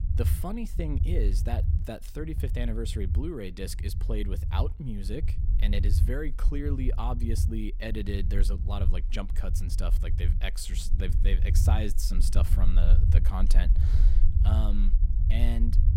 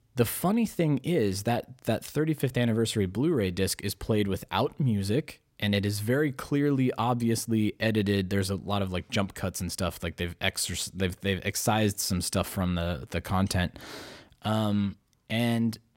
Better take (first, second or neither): second